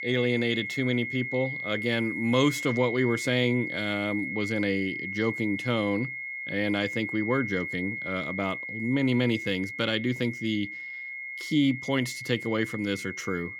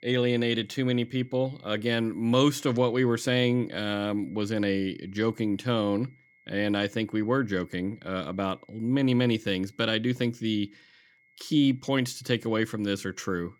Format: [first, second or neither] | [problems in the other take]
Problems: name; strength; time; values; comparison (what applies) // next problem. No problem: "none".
second | high-pitched whine; loud; throughout; 2 kHz, 5 dB below the speech; faint in the second